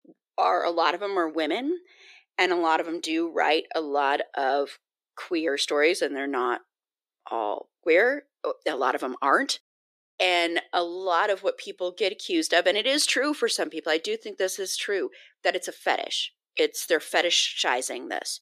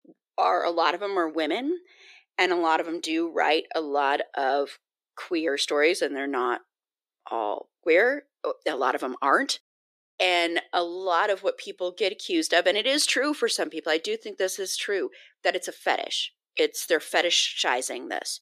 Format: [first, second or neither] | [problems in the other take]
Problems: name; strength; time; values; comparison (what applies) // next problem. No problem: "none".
neither | thin; somewhat; fading below 350 Hz; the same in both